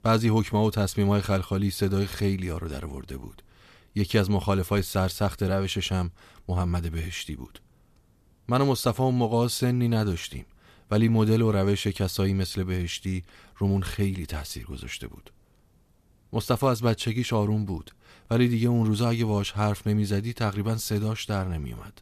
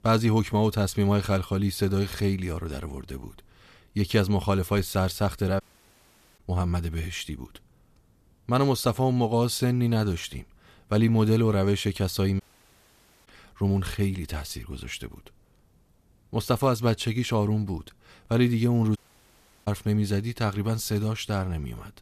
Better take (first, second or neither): first